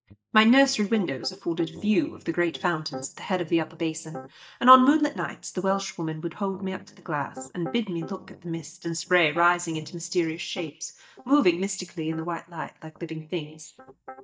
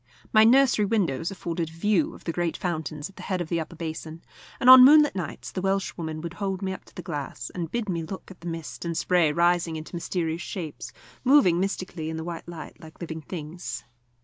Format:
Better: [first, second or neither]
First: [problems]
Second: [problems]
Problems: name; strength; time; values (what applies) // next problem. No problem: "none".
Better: second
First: noise reduction (neural mask model DeepFilterNet 3)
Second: none